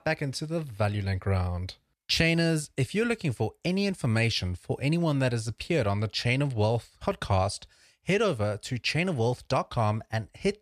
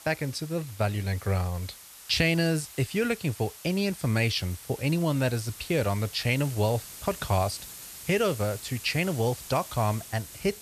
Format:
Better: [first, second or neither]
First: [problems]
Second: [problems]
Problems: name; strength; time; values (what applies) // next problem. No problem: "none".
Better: first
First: none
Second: hiss; noticeable; throughout; 15 dB below the speech